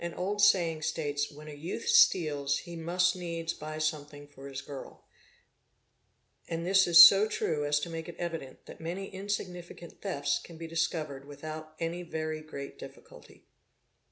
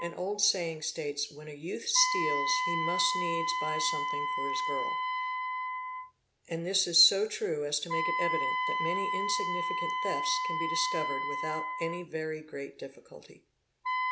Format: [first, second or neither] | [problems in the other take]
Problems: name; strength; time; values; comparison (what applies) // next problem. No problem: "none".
first | background sound (Wind instrument, woodwind instrument); as loud as the speech